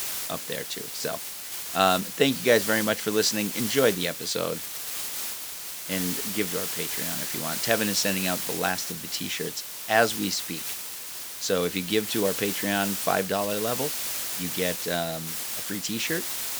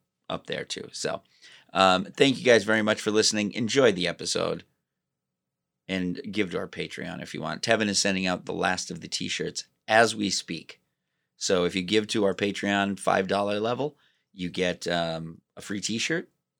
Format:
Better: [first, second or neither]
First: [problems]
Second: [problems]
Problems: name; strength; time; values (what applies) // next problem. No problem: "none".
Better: second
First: hiss; loud; throughout; 2 dB below the speech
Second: none